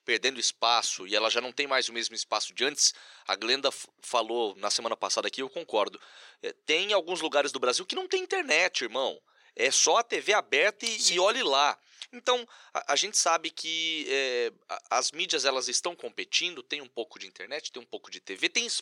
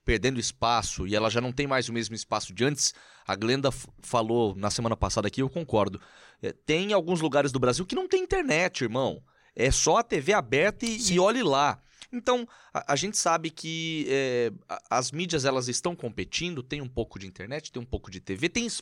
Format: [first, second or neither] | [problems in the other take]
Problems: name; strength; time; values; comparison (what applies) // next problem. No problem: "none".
second | thin; somewhat; fading below 400 Hz